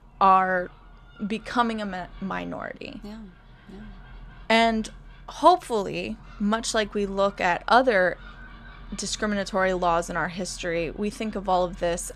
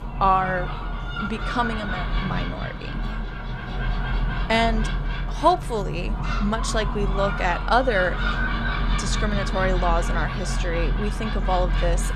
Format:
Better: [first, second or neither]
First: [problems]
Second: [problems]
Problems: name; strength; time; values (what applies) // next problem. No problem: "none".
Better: first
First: animal sounds; faint; throughout; 25 dB below the speech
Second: animal sounds; loud; throughout; 2 dB below the speech